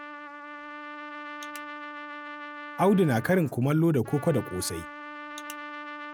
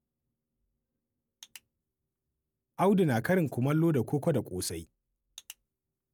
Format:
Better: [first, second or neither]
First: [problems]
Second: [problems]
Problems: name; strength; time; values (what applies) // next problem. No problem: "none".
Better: second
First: background sound (Trumpet); 12 dB below the speech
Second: none